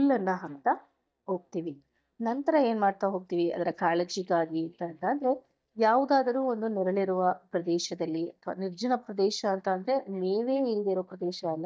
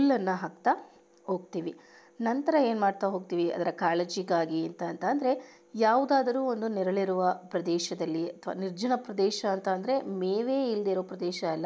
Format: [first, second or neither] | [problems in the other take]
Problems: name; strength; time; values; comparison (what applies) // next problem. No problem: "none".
second | noise reduction (neural mask model DeepFilterNet 3)